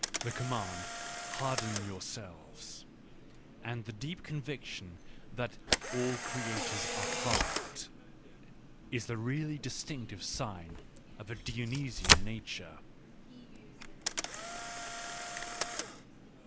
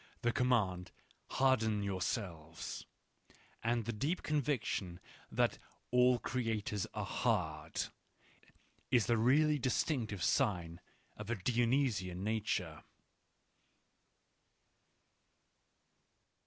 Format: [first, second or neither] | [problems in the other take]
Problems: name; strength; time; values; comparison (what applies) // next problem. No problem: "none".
second | background sound (Camera); 2 dB above the speech